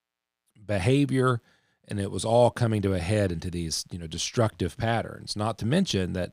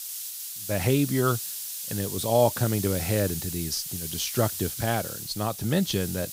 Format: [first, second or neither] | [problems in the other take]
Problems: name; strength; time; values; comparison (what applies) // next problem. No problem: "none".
first | hiss; loud; throughout; 5 dB below the speech